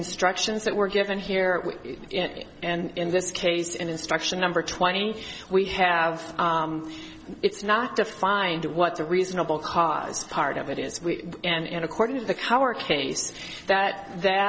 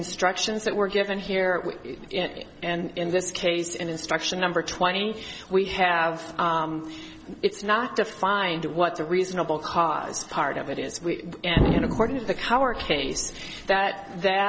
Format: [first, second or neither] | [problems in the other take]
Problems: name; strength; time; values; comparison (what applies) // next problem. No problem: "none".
first | background sound (Explosion); 2 dB below the speech